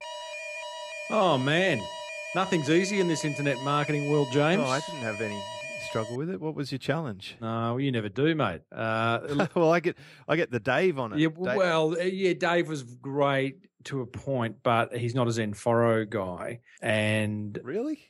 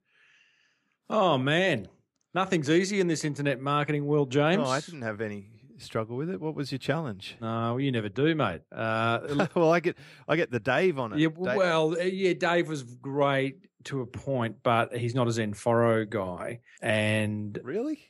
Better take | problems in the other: second | alarm; noticeable; until 6 s; peak 8 dB below the speech

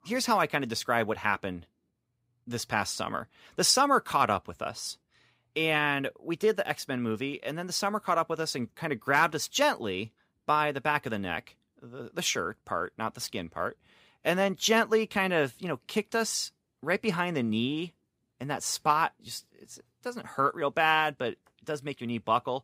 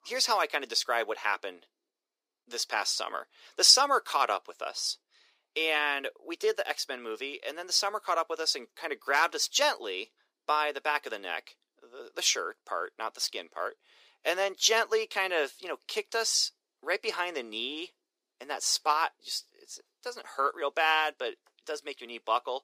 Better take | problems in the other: first | thin; very; fading below 350 Hz

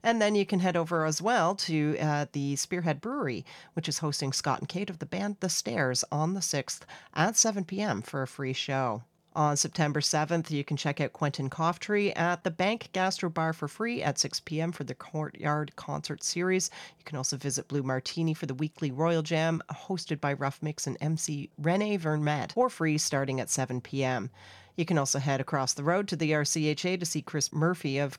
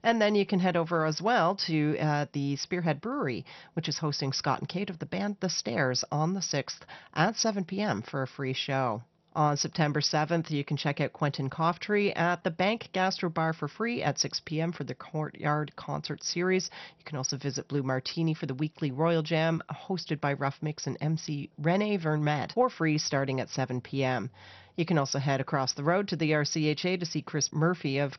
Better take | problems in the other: first | garbled, watery; slightly; nothing above 6 kHz

